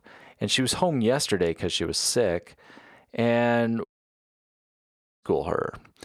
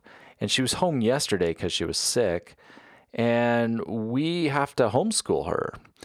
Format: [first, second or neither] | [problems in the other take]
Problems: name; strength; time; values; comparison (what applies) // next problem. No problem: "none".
second | audio cutting out; at 4 s for 1.5 s